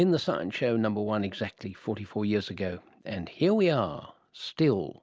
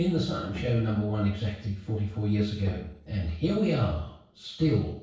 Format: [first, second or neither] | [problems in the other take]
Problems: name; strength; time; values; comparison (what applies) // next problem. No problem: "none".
first | noise reduction (neural separator model SepFormer DNS4)